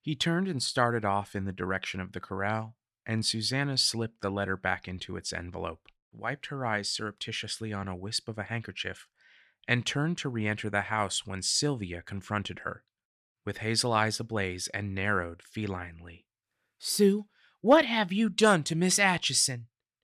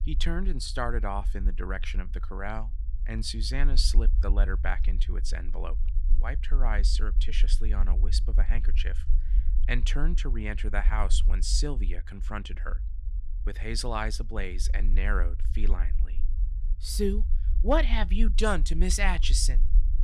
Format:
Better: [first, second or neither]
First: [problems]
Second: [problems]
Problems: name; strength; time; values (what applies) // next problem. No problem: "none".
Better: first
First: none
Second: low rumble; noticeable; throughout; 20 dB below the speech